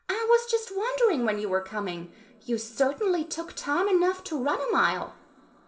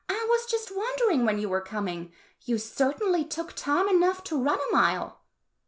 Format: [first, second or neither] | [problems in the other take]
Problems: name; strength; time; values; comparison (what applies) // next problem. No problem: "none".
second | room echo; dies away in 2.3 s